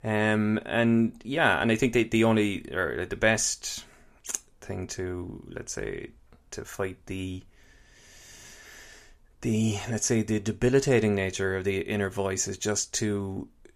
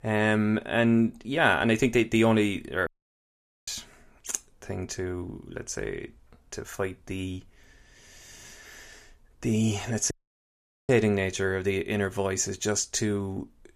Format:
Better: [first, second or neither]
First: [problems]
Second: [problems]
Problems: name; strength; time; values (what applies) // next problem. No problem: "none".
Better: first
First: none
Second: audio cutting out; at 3 s for 1 s and at 10 s for 1 s